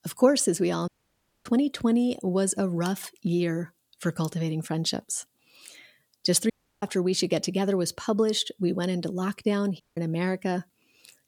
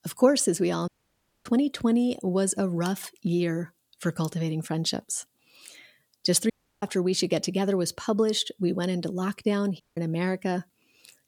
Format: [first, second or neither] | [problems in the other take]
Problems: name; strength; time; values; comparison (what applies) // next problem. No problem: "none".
neither | audio cutting out; at 1 s for 0.5 s, at 6.5 s and at 10 s; the same in both